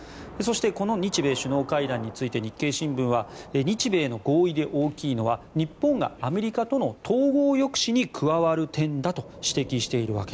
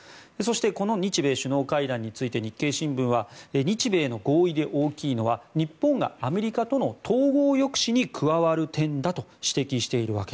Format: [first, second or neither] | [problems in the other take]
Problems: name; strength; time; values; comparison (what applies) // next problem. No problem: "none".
second | background sound (Thunder / Rain); 20 dB below the speech